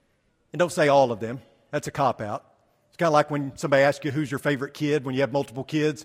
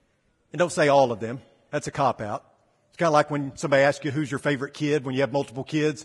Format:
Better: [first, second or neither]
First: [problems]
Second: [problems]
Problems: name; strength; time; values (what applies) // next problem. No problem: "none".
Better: first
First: garbled, watery; slightly; nothing above 15 kHz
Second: garbled, watery; badly